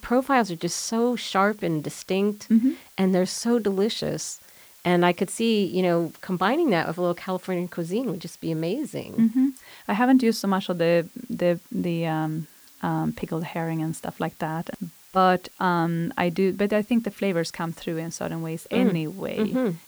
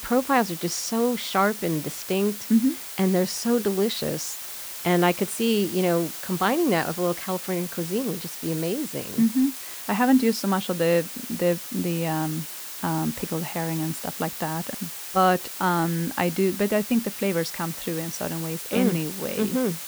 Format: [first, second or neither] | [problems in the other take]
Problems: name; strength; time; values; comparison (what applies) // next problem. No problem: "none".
first | hiss; loud; throughout; 8 dB below the speech; faint in the first